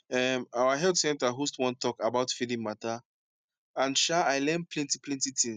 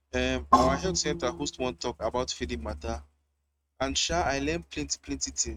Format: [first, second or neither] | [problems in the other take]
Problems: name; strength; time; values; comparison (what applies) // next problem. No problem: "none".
first | noise reduction (neural mask model RNNoise)